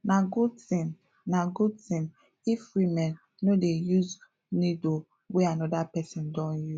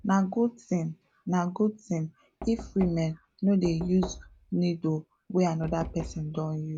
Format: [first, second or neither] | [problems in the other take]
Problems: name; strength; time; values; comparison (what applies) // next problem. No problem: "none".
first | background sound (Knock); 16 dB below the speech